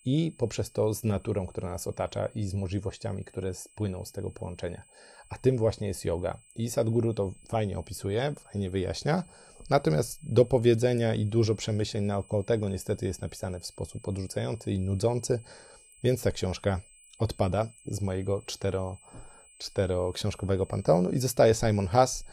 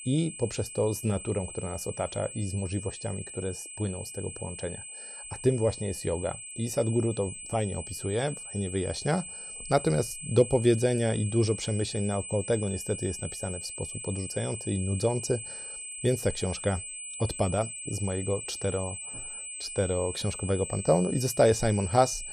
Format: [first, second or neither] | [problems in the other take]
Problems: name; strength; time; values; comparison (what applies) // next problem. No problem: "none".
first | high-pitched whine; loud; throughout; 8 kHz, 8 dB below the speech; faint in the first